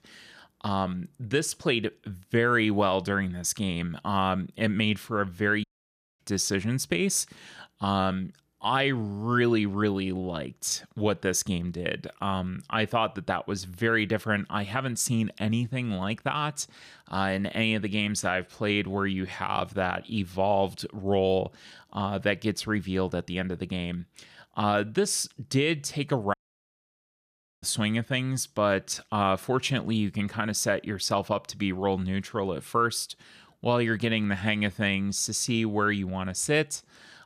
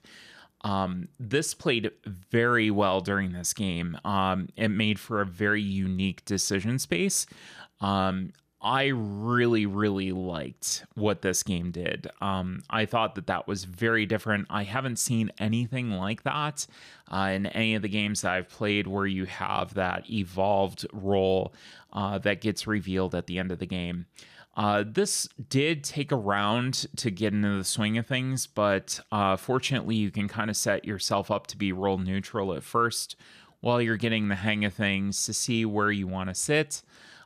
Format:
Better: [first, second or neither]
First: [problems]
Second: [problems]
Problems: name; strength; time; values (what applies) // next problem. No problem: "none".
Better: second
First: audio cutting out; at 5.5 s for 0.5 s and at 26 s for 1.5 s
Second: none